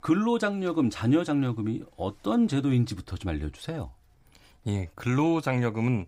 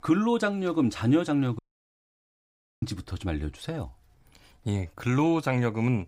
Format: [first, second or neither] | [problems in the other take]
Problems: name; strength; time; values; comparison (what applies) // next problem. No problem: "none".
first | audio cutting out; at 1.5 s for 1 s